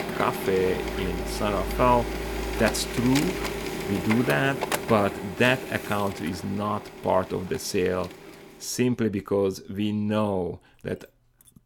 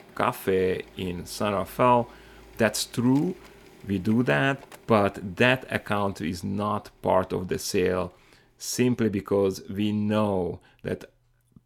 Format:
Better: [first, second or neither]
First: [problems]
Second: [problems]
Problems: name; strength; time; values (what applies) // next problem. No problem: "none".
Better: second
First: household noises; loud; throughout; 5 dB below the speech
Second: household noises; faint; throughout; 25 dB below the speech